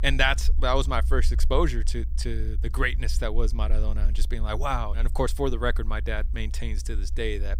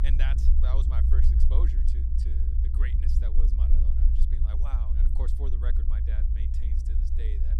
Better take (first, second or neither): first